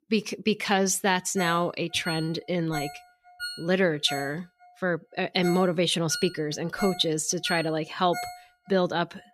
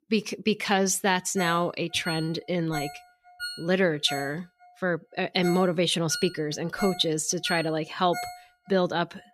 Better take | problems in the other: neither | phone ringing; noticeable; from 1.5 to 8.5 s; peak 9 dB below the speech; the same in both

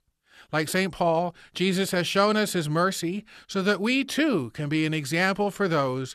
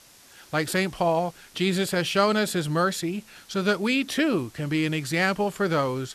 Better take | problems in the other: first | hiss; faint; throughout; 25 dB below the speech

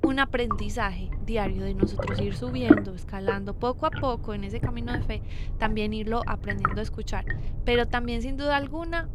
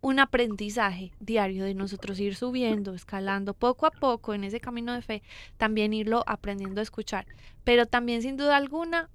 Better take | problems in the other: second | low rumble; loud; throughout; 2 dB below the speech; faint in the second

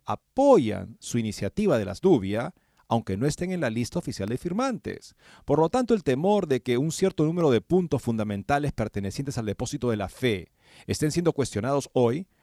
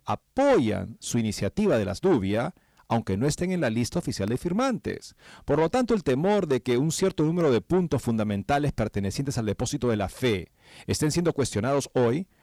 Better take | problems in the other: first | distortion; slight; 10 dB below the speech

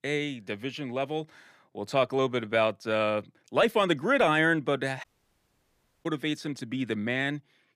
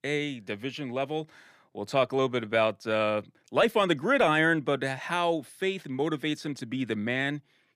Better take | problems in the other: second | audio cutting out; at 5 s for 1 s

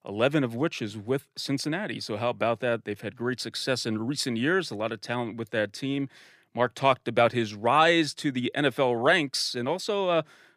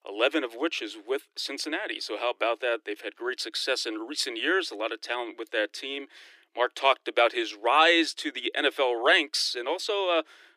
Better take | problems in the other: first | thin; very; fading below 300 Hz

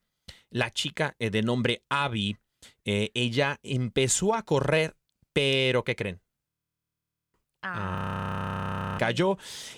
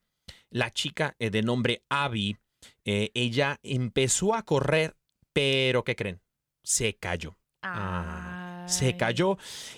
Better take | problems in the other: second | audio freezing; at 6.5 s for 1 s and at 8 s for 1 s

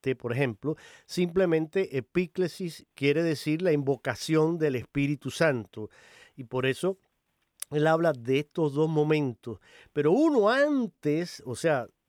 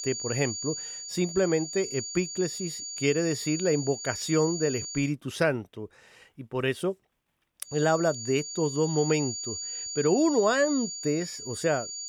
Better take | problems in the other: first | high-pitched whine; loud; until 5 s and from 7.5 s on; 7 kHz, 6 dB below the speech

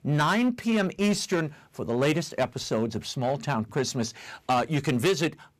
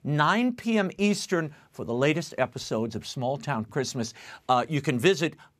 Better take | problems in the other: second | distortion; slight; 7% of the sound clipped

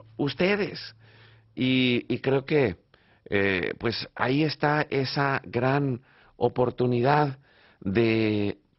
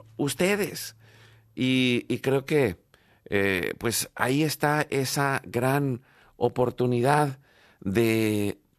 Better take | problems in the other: second | garbled, watery; badly; nothing above 5.5 kHz

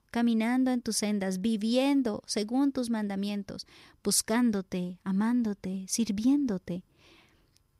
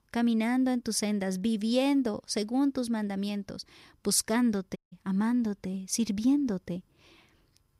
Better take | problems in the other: first | audio cutting out; at 5 s

